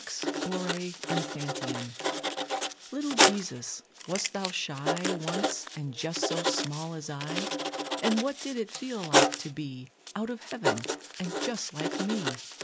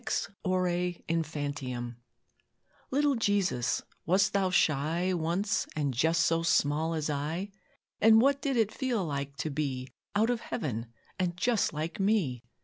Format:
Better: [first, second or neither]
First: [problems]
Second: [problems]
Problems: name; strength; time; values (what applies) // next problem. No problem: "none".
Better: second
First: background sound (Writing); 3 dB above the speech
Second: none